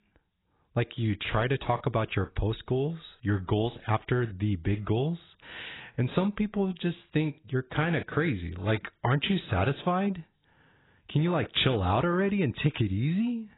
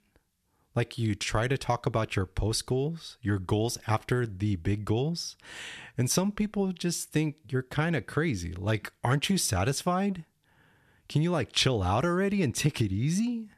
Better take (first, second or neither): second